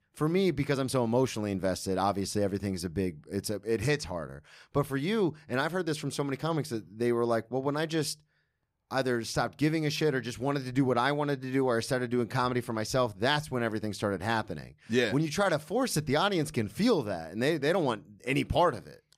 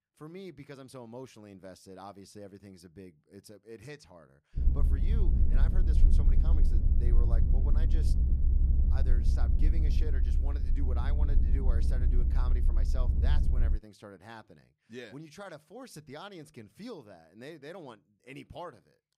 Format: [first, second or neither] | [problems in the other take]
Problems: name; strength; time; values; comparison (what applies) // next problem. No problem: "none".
first | low rumble; loud; from 4.5 to 14 s; as loud as the speech